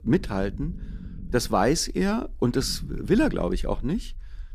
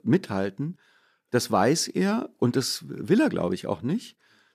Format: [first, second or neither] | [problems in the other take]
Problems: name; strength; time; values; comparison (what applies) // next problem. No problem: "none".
second | low rumble; faint; throughout; 25 dB below the speech